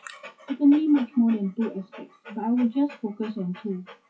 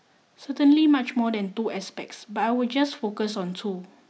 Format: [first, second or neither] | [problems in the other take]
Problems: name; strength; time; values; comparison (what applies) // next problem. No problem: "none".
second | noise reduction (classical method WPE with log-MMSE)